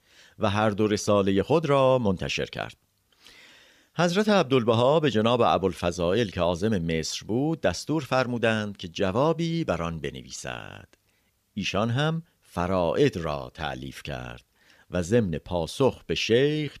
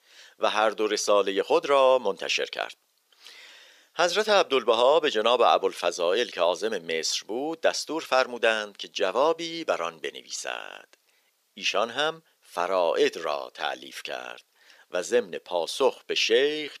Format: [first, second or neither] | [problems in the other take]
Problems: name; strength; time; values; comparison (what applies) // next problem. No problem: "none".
first | thin; very; fading below 400 Hz